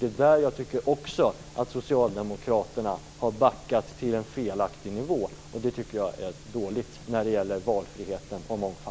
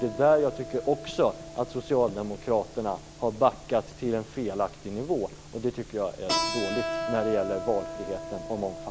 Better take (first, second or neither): first